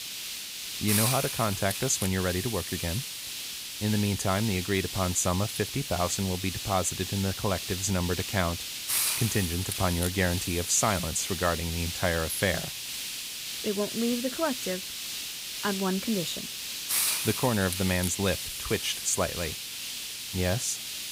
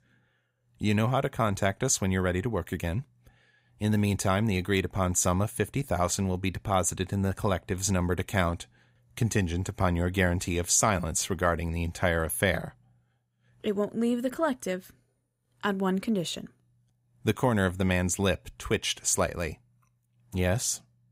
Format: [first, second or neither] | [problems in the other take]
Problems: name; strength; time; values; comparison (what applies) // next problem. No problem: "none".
second | hiss; loud; throughout; 3 dB below the speech